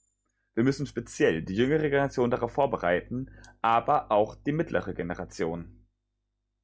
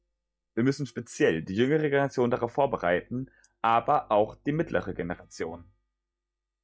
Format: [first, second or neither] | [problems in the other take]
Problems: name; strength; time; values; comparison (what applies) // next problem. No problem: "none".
first | noise reduction (neural mask model DeepFilterNet 3)